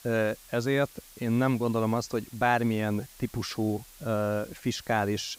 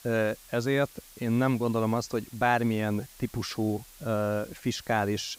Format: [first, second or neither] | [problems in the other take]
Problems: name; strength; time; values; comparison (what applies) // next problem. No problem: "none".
neither | hiss; faint; throughout; 20 dB below the speech; the same in both